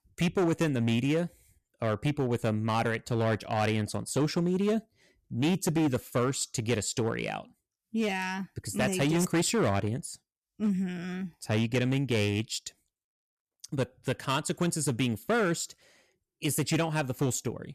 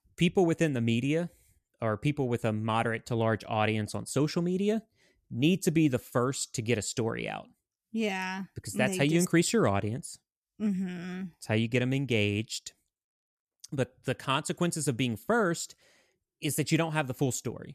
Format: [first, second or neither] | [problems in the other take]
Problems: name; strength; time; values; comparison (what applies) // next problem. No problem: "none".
second | distortion; slight; 7% of the sound clipped